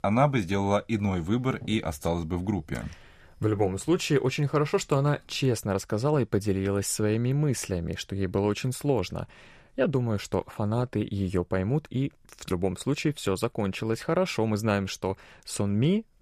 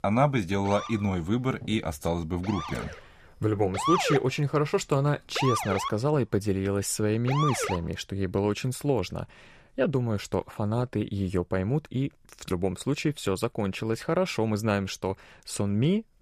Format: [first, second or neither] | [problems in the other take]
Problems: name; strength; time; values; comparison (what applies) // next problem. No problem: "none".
first | siren; loud; from 0.5 to 8 s; peak 2 dB above the speech